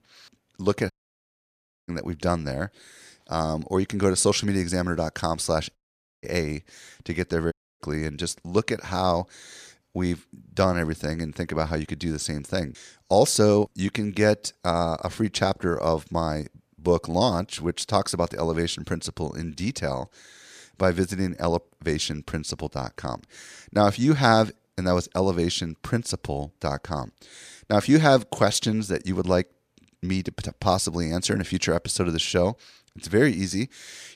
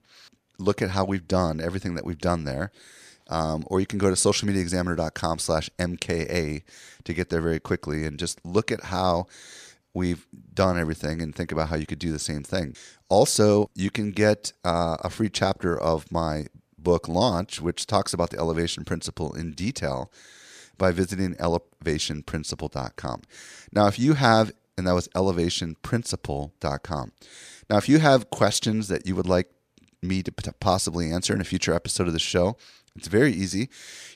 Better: second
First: audio cutting out; at 1 s for 1 s, at 6 s and at 7.5 s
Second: none

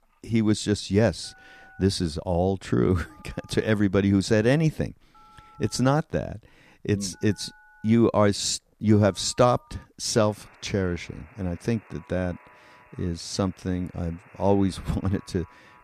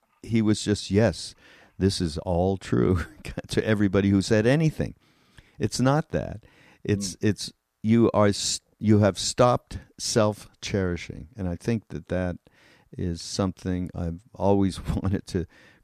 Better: second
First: alarms or sirens; faint; throughout; 30 dB below the speech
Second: none

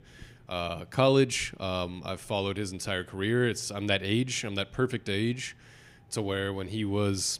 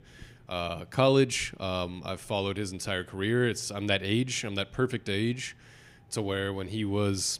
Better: neither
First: none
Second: none

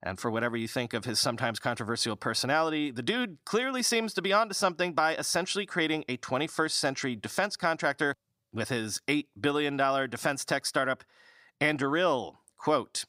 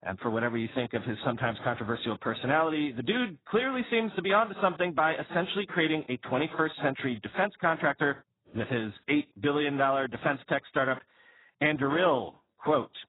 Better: first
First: none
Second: garbled, watery; badly; nothing above 4 kHz

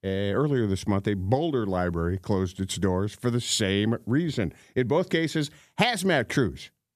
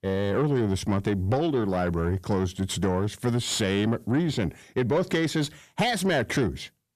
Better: first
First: none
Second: distortion; slight; 10 dB below the speech

